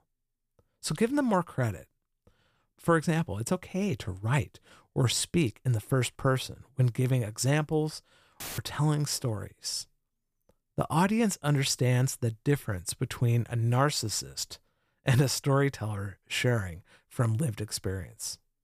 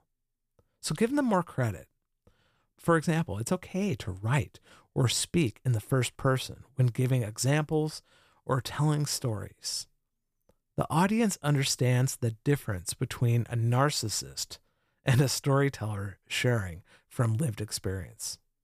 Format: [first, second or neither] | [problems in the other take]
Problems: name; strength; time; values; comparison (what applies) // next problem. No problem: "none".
second | audio cutting out; filled with static; at 8.5 s